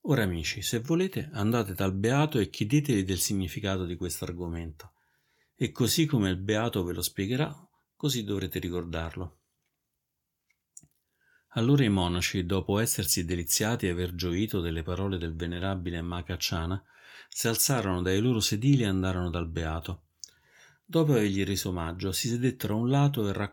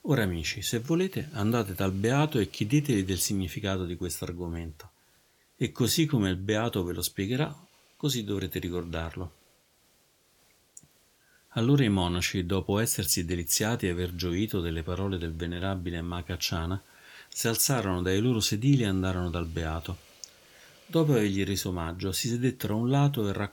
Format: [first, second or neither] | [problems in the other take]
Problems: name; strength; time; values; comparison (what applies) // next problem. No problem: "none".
first | hiss; faint; throughout; 30 dB below the speech